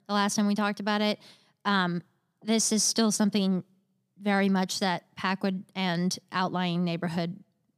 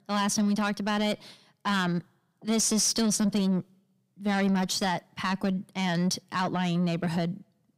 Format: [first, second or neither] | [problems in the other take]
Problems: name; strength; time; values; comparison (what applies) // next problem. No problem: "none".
first | distortion; slight; 10 dB below the speech